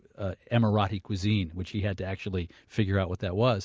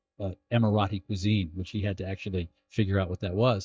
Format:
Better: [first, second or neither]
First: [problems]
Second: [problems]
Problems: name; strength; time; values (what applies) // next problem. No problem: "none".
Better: first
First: none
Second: noise reduction (neural mask model DeepFilterNet 3)